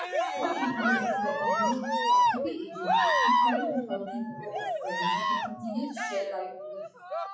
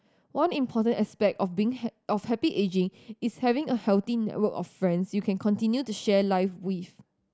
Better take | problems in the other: second | noise reduction (classical method WPE with log-MMSE)

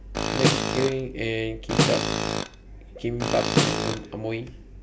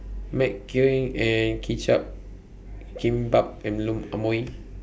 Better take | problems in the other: second | background sound (Tools + Snare drum); 3 dB above the speech

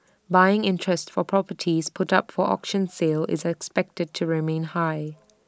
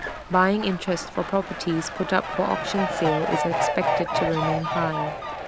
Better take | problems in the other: first | background sound (Fowl); 2 dB below the speech

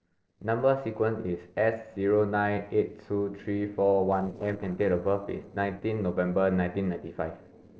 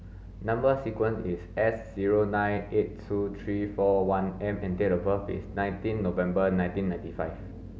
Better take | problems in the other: second | noise reduction (neural separator model SepFormer DNS4)

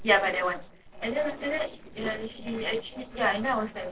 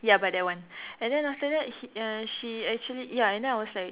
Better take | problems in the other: second | noise reduction (neural separator model SepFormer DNS4)

